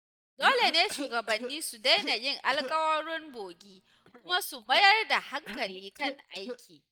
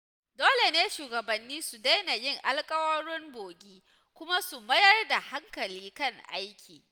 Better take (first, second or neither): second